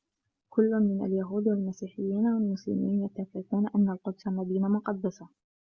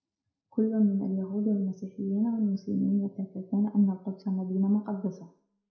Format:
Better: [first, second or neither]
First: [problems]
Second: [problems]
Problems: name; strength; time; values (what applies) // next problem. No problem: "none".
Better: first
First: none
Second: room echo; dies away in 0.5 s